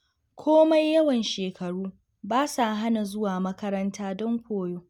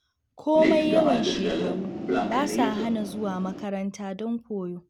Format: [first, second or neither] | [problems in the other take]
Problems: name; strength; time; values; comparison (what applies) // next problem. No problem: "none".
first | background sound (Train); as loud as the speech